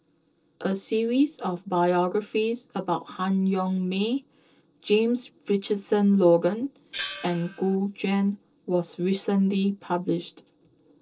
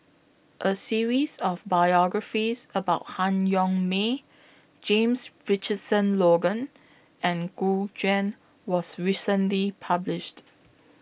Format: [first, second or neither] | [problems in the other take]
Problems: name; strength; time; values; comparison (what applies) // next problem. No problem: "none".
second | noise reduction (neural separator model SepFormer DNS4)